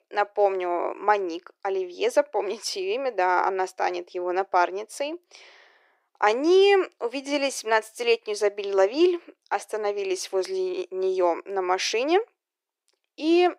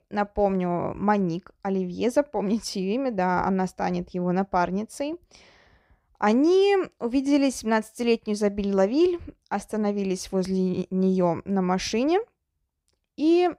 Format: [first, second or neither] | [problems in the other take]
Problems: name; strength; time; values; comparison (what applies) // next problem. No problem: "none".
second | thin; very; fading below 350 Hz